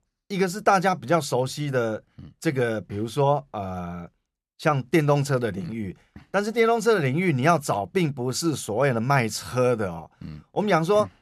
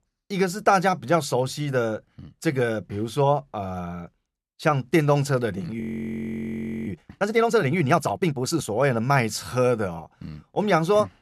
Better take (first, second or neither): first